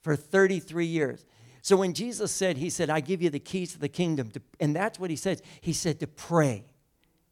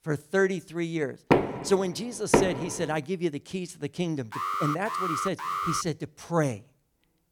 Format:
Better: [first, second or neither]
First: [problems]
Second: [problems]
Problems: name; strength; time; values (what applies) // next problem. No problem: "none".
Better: first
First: none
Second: door banging; loud; from 1.5 to 2.5 s; peak 6 dB above the speech // alarm; loud; from 4.5 to 6 s; peak 1 dB above the speech